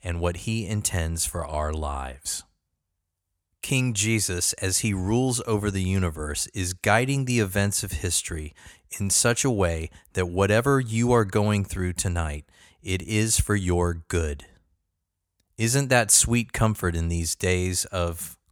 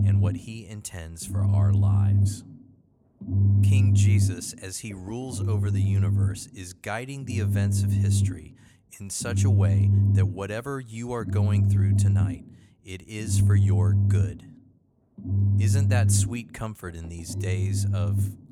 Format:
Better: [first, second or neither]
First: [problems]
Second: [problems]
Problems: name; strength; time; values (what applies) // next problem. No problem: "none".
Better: first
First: none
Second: low rumble; loud; throughout; as loud as the speech